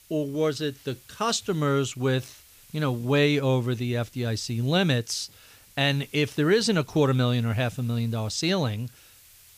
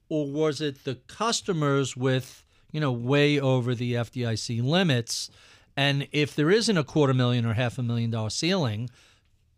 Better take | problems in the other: second | hiss; faint; throughout; 25 dB below the speech

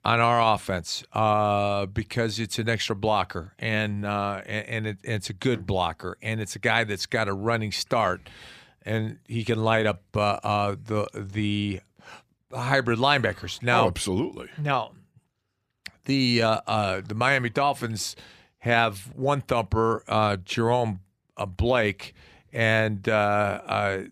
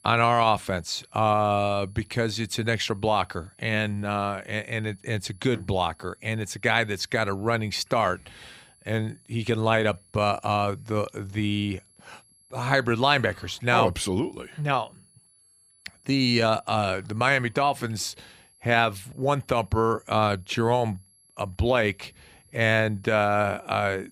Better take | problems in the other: first | high-pitched whine; faint; throughout; 11 kHz, 30 dB below the speech

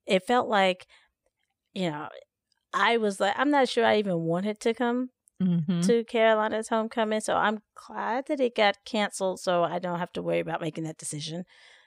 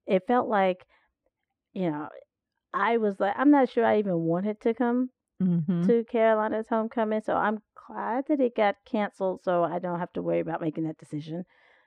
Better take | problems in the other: first | muffled; very; fading above 3.5 kHz

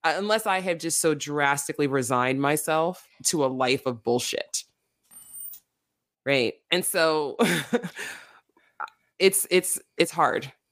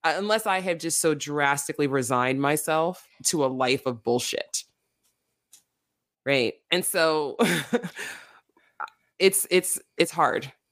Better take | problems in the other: second | jangling keys; faint; at 5 s; peak 15 dB below the speech

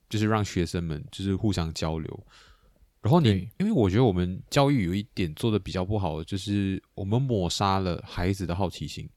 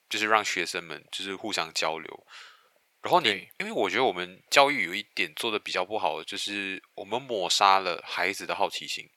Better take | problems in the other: first | thin; very; fading below 700 Hz

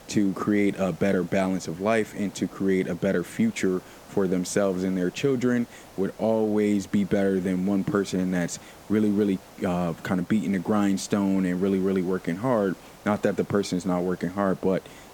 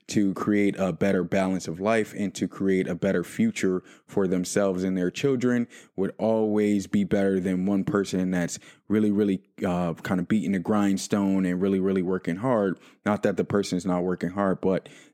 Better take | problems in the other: second | hiss; faint; throughout; 20 dB below the speech

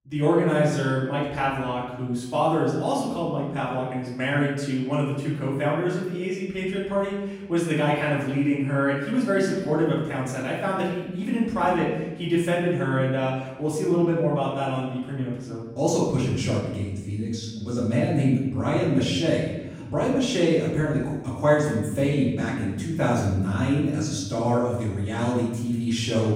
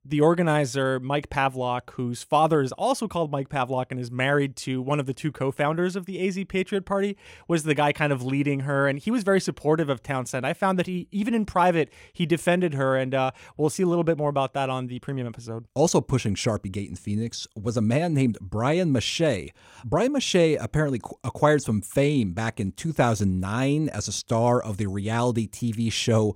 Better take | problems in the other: second | off-mic speech; far // room echo; noticeable; dies away in 1.1 s

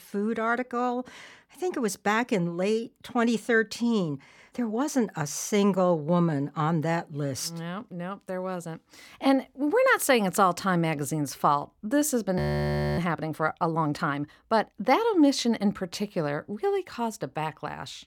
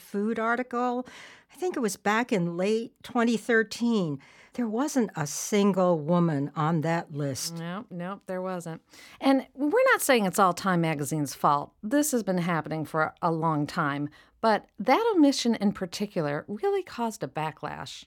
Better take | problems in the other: second | audio freezing; at 12 s for 0.5 s

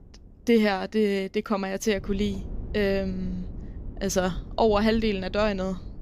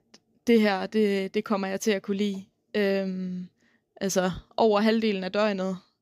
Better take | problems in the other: second | wind noise on the microphone; occasional gusts; 25 dB below the speech

